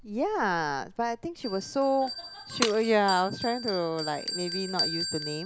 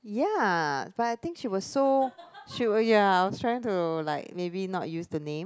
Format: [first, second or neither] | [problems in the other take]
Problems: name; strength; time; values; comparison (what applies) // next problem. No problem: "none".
second | background sound (Shatter + Bell); 8 dB below the speech